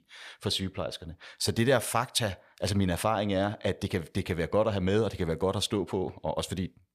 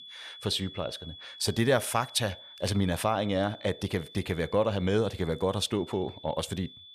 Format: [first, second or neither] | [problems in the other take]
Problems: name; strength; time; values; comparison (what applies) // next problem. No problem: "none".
first | high-pitched whine; noticeable; throughout; 3.5 kHz, 15 dB below the speech